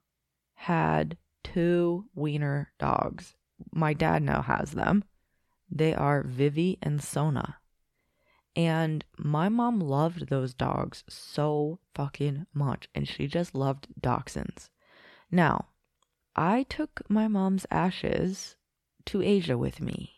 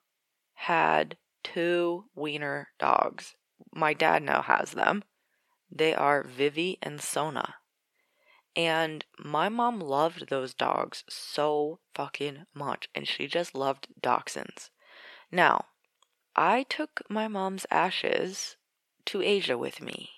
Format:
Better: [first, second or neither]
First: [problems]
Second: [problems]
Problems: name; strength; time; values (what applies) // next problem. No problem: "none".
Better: first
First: none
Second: thin; somewhat; fading below 450 Hz